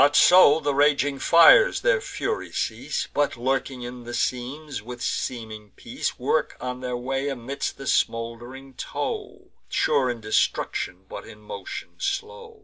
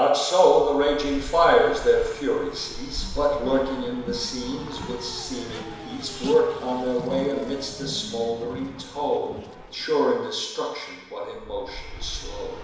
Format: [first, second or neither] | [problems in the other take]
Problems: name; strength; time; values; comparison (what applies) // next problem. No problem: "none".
first | background sound (Race car, auto racing); 13 dB below the speech // room echo; dies away in 1 s